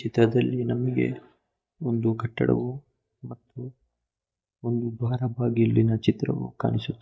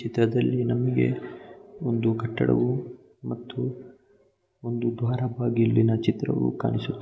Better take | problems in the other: second | noise reduction (neural mask model DeepFilterNet 3)

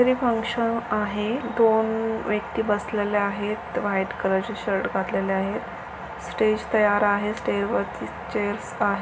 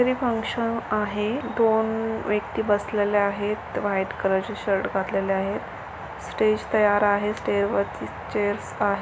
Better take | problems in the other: second | room echo; dies away in 2.4 s

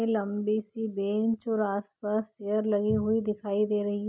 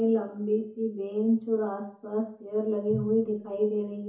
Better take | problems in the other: first | room echo; dies away in 0.7 s

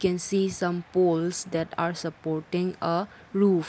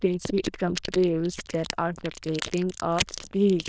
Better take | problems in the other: first | noise reduction (neural diffusion model UNIVERSE++)

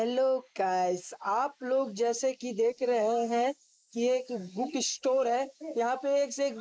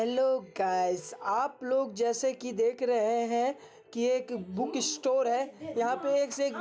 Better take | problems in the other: second | noise reduction (neural mask model Resemble Enhance denoiser)

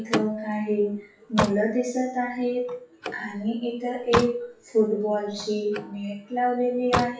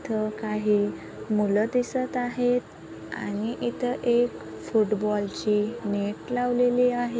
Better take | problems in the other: second | noise reduction (classical method WPE with log-MMSE)

